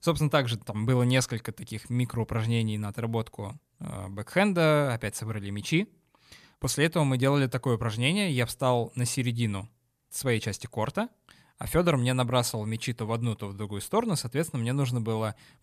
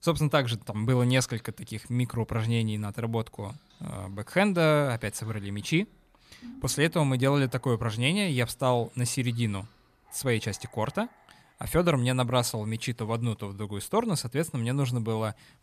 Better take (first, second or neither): first